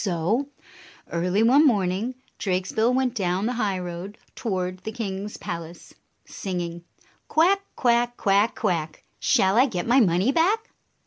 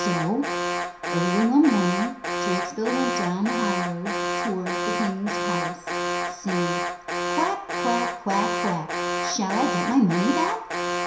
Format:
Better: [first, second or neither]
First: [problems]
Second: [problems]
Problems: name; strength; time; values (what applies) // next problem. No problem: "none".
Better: first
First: none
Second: background sound (Alarm); 1 dB below the speech // room echo; dies away in 0.7 s